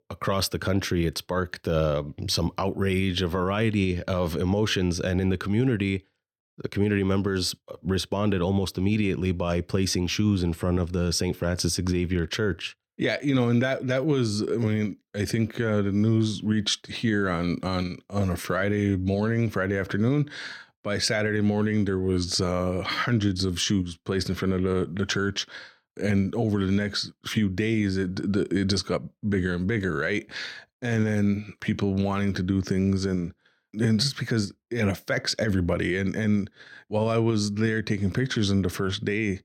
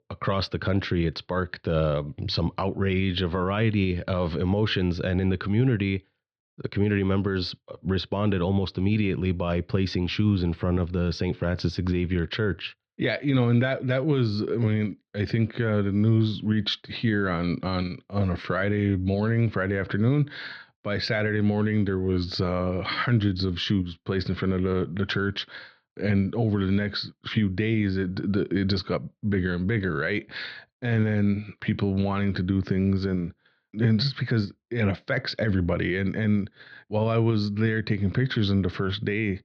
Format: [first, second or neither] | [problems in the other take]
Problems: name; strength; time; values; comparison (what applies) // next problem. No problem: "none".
first | muffled; very slightly; fading above 4.5 kHz